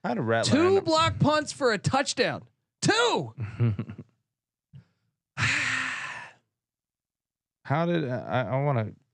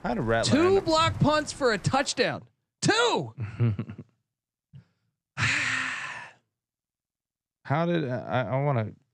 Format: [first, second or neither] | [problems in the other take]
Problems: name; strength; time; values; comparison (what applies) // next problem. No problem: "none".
first | animal sounds; very faint; until 2 s; 20 dB below the speech